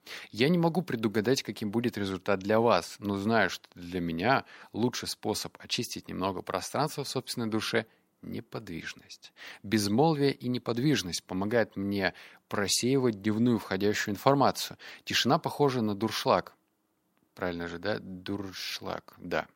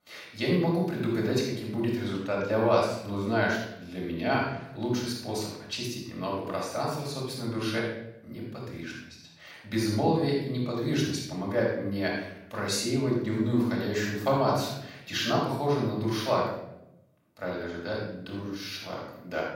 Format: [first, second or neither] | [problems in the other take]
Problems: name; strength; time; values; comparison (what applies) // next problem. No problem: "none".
first | off-mic speech; far // room echo; noticeable; dies away in 0.7 s